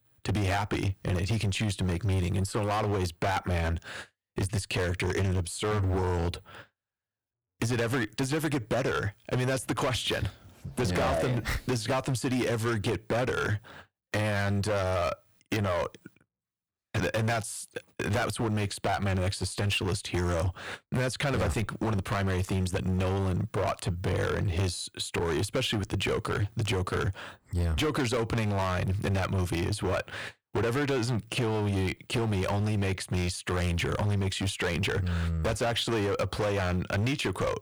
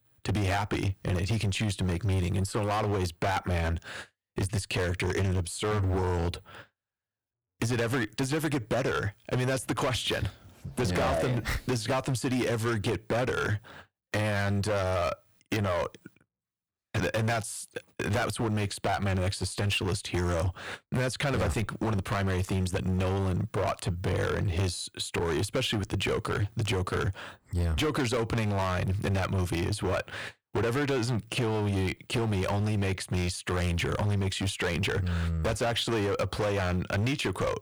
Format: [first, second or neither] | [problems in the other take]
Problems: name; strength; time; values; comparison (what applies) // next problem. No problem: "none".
neither | distortion; heavy; 18% of the sound clipped; the same in both